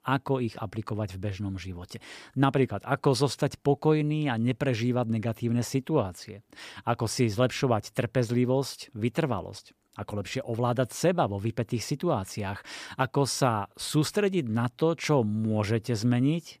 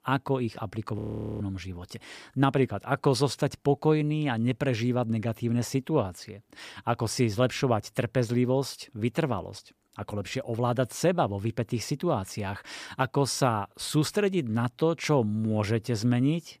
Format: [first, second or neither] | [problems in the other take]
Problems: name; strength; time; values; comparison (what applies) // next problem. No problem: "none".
first | audio freezing; at 1 s